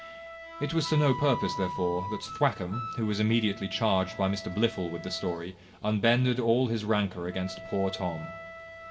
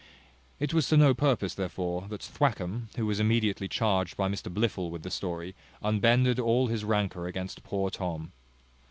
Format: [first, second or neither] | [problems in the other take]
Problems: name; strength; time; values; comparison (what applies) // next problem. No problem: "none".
second | background sound (Wind instrument, woodwind instrument); 12 dB below the speech // room echo; dies away in 1.5 s